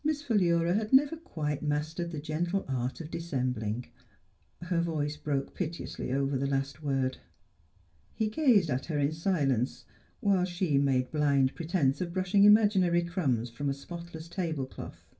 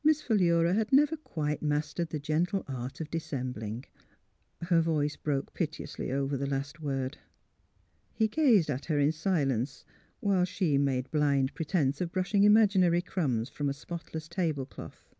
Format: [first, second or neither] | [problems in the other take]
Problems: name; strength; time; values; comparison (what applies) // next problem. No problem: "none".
second | room echo; dies away in 0.2 s